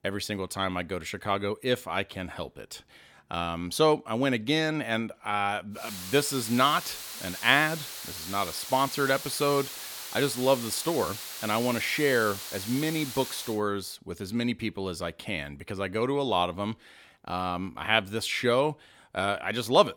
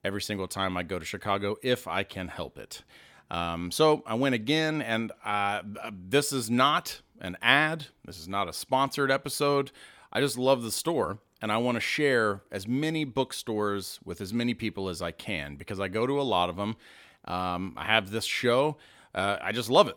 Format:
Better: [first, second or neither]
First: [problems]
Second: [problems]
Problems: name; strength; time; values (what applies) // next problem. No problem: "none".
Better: second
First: hiss; loud; from 6 to 14 s; 9 dB below the speech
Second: none